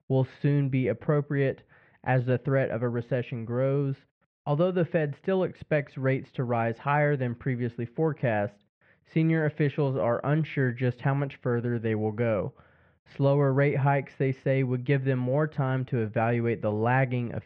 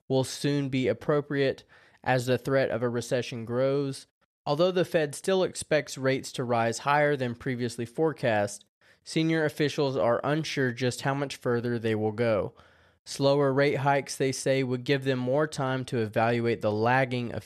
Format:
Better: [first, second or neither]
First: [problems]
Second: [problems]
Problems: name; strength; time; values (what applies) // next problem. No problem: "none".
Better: second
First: muffled; very; fading above 2.5 kHz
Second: none